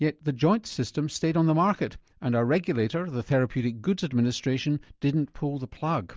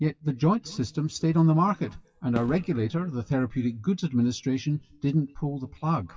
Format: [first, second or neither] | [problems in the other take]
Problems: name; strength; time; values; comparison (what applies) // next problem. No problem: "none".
first | noise reduction (classical method WPE with log-MMSE)